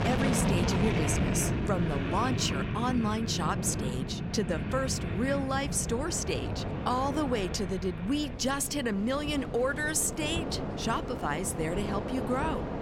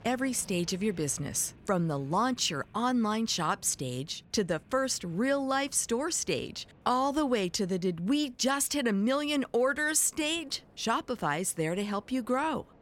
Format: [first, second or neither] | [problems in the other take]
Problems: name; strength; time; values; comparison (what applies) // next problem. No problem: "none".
second | train or aircraft noise; loud; throughout; 2 dB below the speech; faint in the second